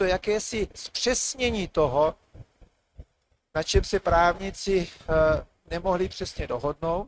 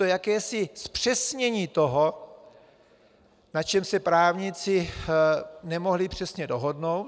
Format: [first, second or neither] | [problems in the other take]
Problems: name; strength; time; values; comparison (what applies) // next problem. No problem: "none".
second | noise reduction (neural mask model RNNoise)